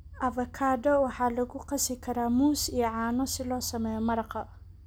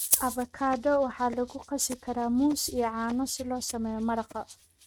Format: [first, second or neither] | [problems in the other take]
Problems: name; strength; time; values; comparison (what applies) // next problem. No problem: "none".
first | noise reduction (neural mask model RNNoise)